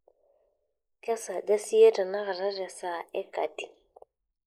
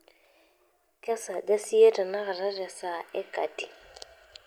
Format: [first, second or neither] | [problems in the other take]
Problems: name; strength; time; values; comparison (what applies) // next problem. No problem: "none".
second | noise reduction (neural mask model Resemble Enhance denoiser)